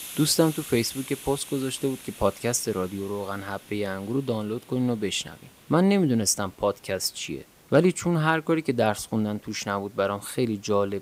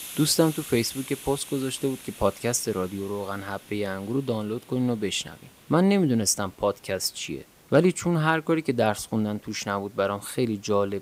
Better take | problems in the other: neither | hiss; noticeable; throughout; 15 dB below the speech; the same in both

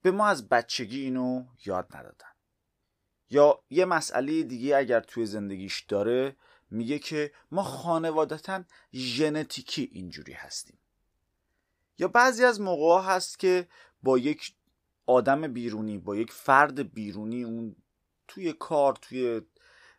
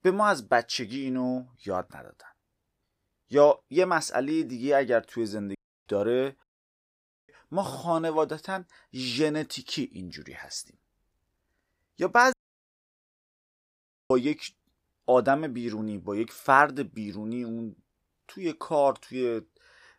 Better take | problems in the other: first | audio cutting out; at 5.5 s, at 6.5 s for 1 s and at 12 s for 2 s

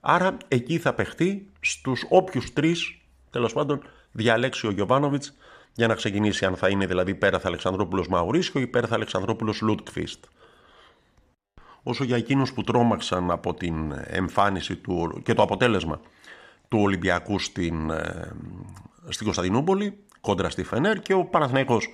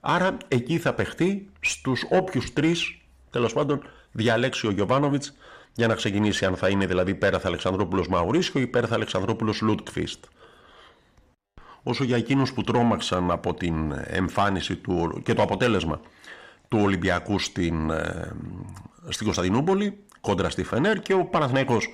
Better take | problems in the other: first | distortion; slight; 10 dB below the speech

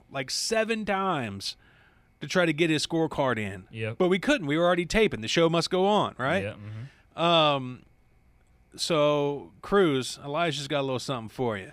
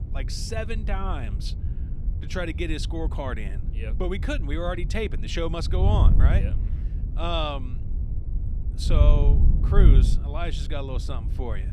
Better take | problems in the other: first | wind noise on the microphone; heavy; 10 dB below the speech

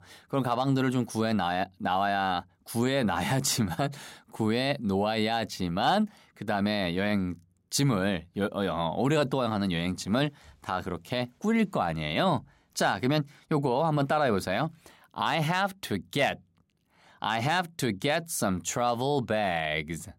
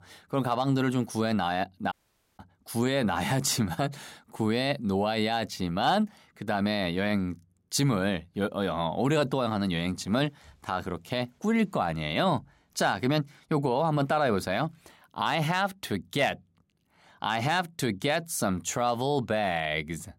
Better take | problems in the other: first | audio cutting out; at 2 s

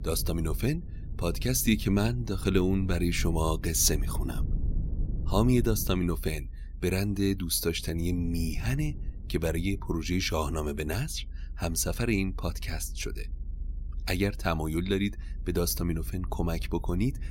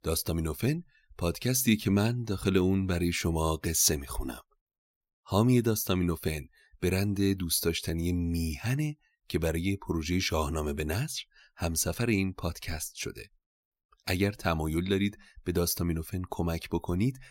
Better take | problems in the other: second | low rumble; faint; throughout; 20 dB below the speech

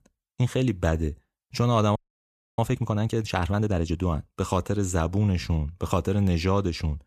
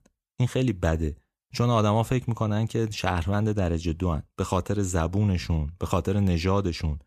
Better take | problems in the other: second | audio freezing; at 2 s for 0.5 s

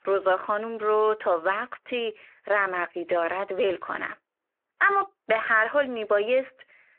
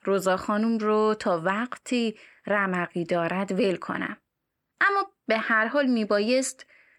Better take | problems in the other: second | phone-call audio

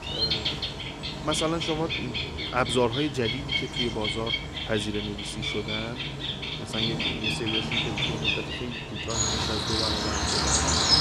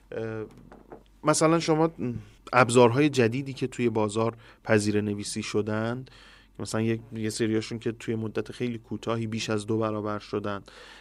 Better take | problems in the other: second | animal sounds; very loud; throughout; 4 dB above the speech

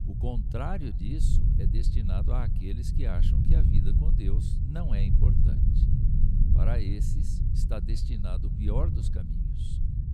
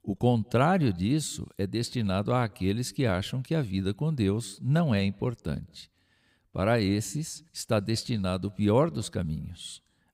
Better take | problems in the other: second | low rumble; loud; throughout; 1 dB below the speech

